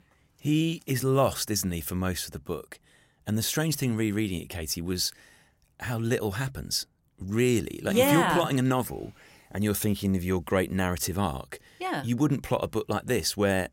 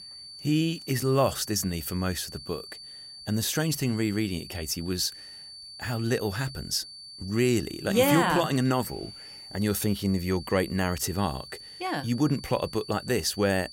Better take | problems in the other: first | high-pitched whine; noticeable; throughout; 4.5 kHz, 15 dB below the speech

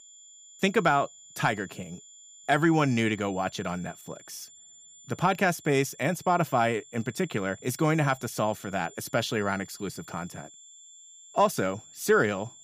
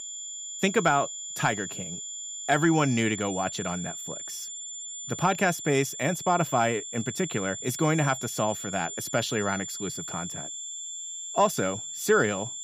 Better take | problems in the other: first | high-pitched whine; loud; throughout; 7 kHz, 7 dB below the speech; faint in the first

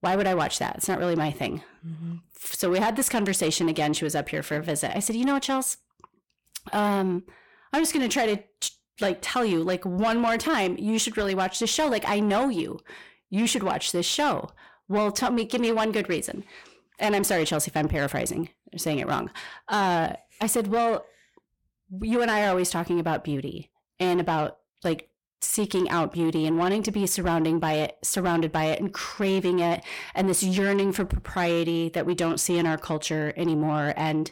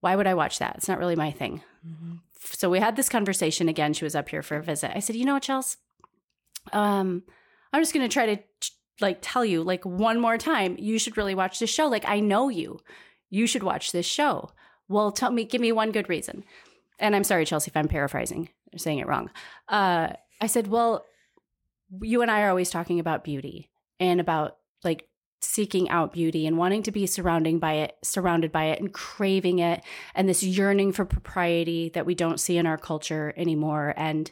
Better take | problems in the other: second | distortion; slight; 10 dB below the speech

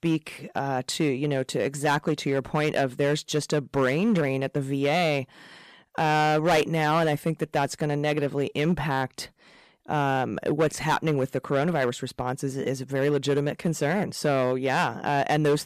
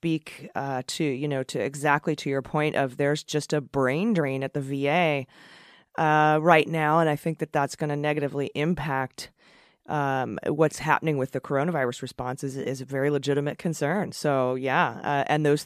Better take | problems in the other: second | distortion; slight; 6% of the sound clipped

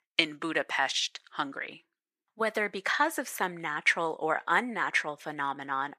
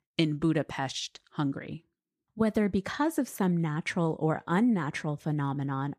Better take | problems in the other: second | thin; very; fading below 600 Hz

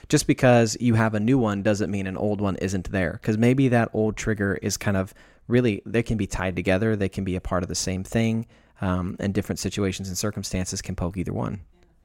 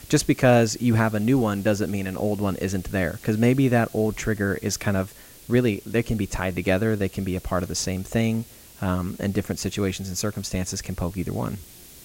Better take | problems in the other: first | hiss; faint; throughout; 20 dB below the speech

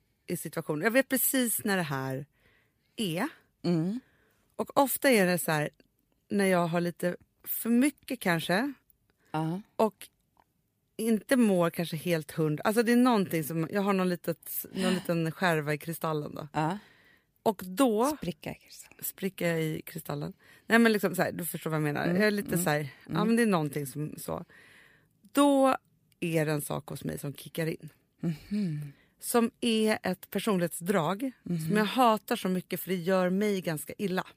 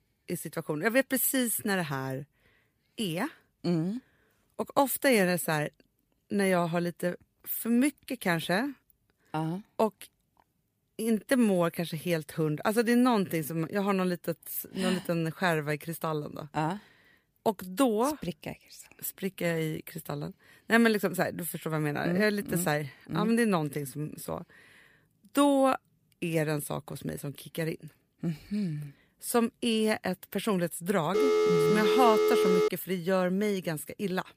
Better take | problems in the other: first | phone ringing; loud; from 31 to 33 s; peak 5 dB above the speech

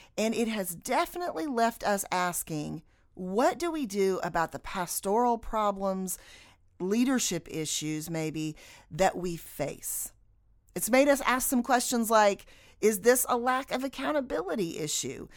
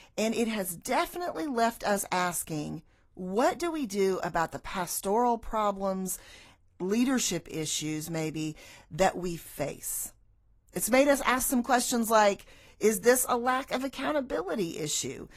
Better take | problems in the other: first | garbled, watery; slightly; nothing above 13 kHz

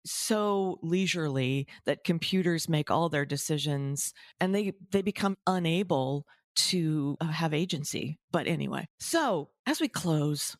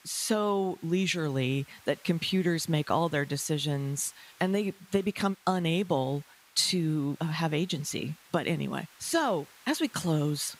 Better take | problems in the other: first | hiss; faint; throughout; 25 dB below the speech

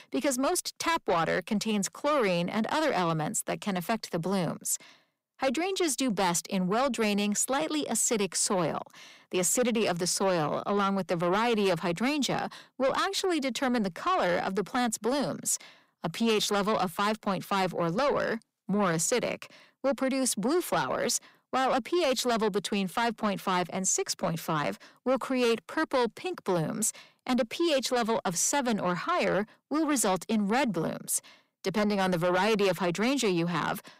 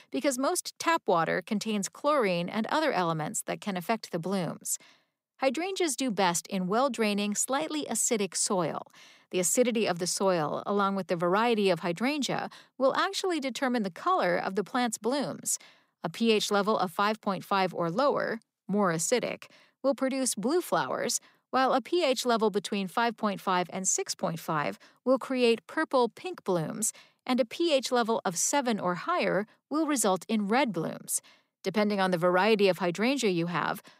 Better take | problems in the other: second | distortion; slight; 10 dB below the speech

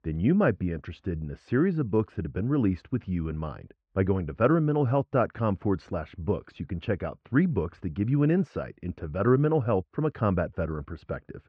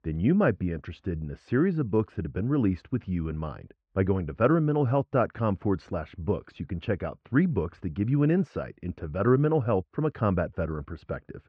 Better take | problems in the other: neither | muffled; very; fading above 1.5 kHz; the same in both

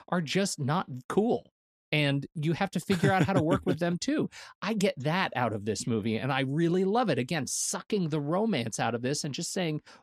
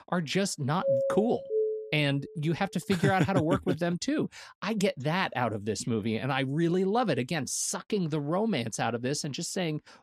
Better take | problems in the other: first | doorbell; loud; from 1 to 2 s; peak 1 dB above the speech

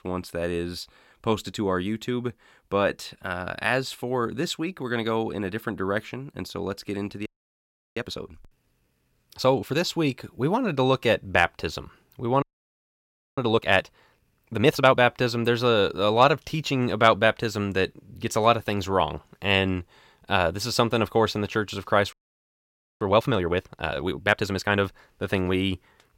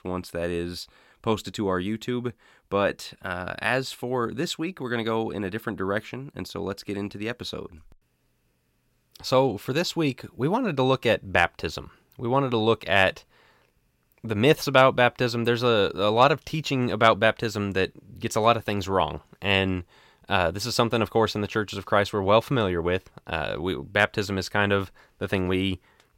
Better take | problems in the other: second | audio freezing; at 7.5 s for 0.5 s, at 12 s for 1 s and at 22 s for 1 s

